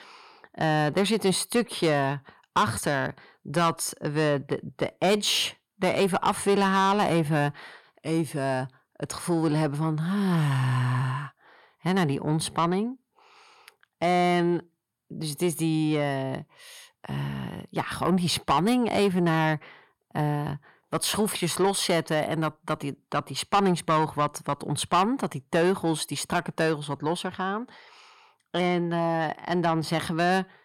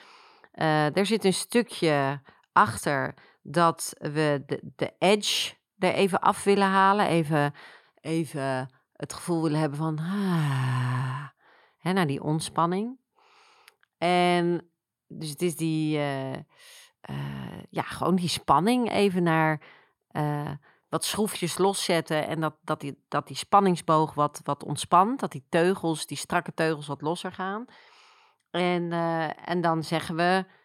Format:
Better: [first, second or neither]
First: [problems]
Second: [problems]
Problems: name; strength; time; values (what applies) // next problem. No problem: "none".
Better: second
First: distortion; slight; 10 dB below the speech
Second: none